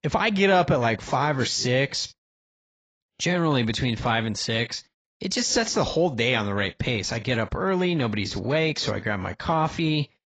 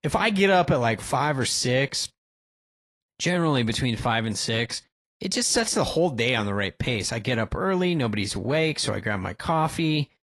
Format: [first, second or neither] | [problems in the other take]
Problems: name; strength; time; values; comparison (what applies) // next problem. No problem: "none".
second | garbled, watery; badly; nothing above 7.5 kHz; slightly in the second